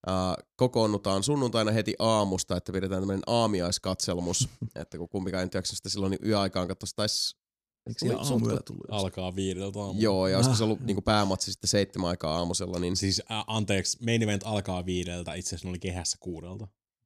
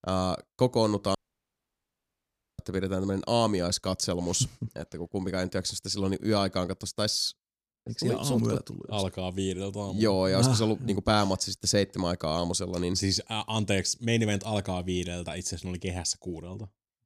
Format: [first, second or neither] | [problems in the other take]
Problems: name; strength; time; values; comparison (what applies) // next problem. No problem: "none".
first | audio cutting out; at 1 s for 1.5 s